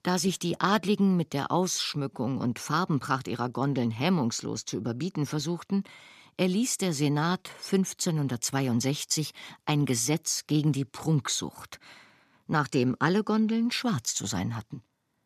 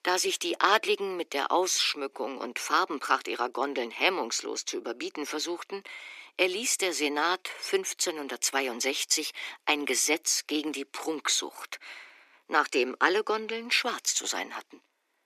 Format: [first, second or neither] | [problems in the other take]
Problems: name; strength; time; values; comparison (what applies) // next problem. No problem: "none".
first | thin; very; fading below 350 Hz